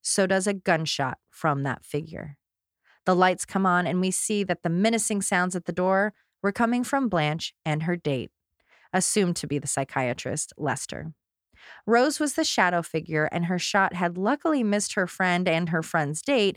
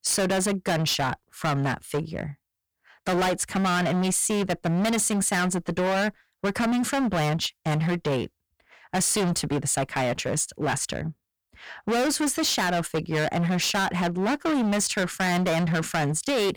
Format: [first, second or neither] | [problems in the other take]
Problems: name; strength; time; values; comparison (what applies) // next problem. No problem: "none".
first | distortion; heavy; 26% of the sound clipped